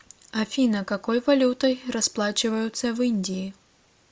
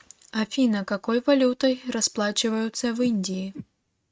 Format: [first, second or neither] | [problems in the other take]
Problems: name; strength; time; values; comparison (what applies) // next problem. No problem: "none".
first | noise reduction (neural mask model RNNoise)